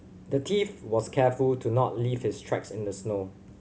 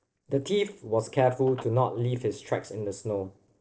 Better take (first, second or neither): first